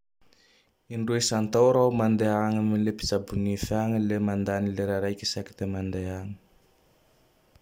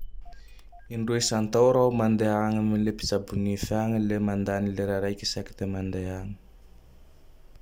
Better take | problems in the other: first | background sound (Engine starting / Car); 18 dB below the speech

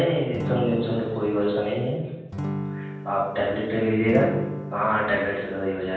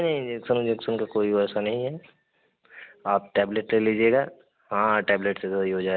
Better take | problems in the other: second | background sound (Acoustic guitar / Strum); 8 dB below the speech // room echo; dies away in 1.2 s

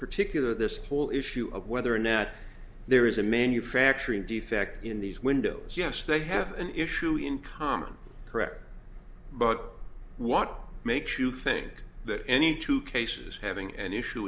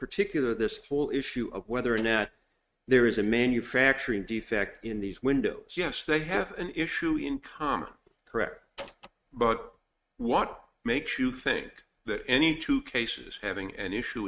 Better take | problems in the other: first | noise reduction (neural mask model RNNoise)

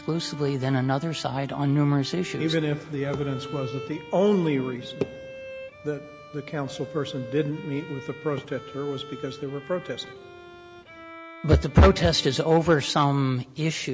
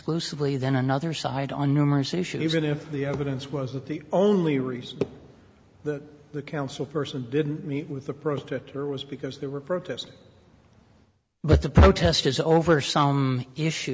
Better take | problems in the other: second | background sound (Bowed string instrument); 17 dB below the speech

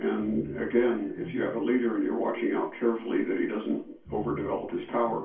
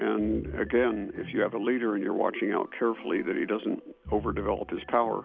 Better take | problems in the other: second | room echo; dies away in 0.3 s

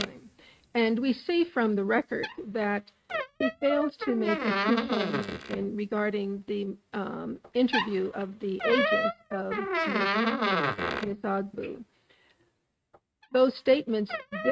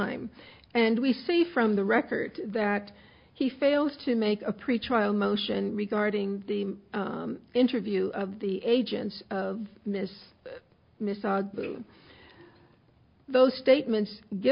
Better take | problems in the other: second | noise reduction (neural mask model RNNoise)

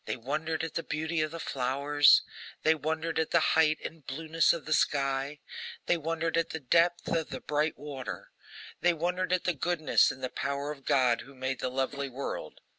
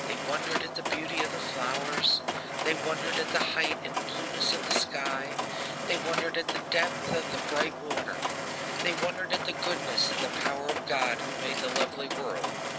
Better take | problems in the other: first | background sound (Mechanisms); as loud as the speech

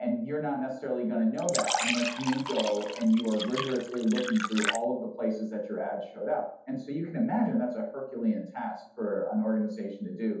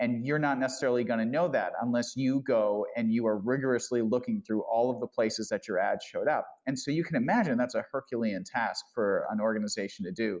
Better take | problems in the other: second | background sound (Fill (with liquid)); 4 dB below the speech // room echo; dies away in 0.6 s

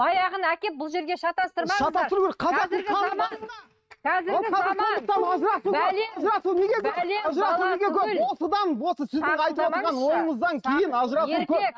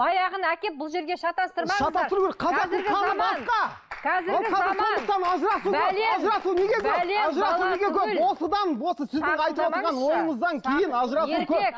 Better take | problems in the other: second | noise reduction (neural mask model RNNoise)

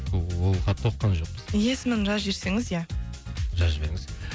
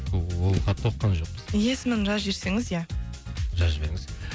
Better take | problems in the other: first | background sound (Fireworks / Boom); 17 dB below the speech

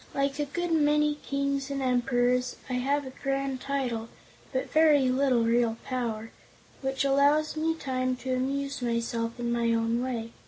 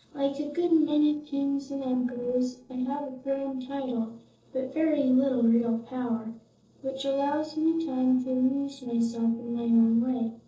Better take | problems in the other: first | noise reduction (neural separator model SepFormer DNS4)

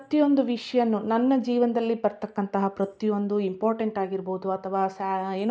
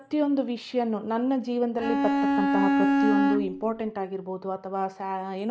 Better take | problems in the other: first | background sound (Bowed string instrument); 5 dB above the speech

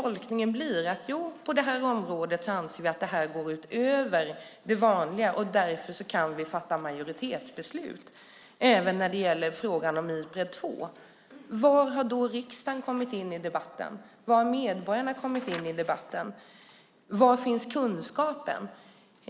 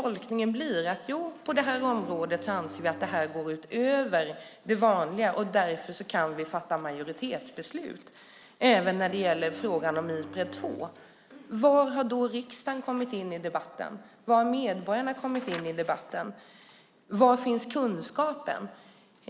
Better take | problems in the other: first | background sound (Wind instrument, woodwind instrument); 16 dB below the speech

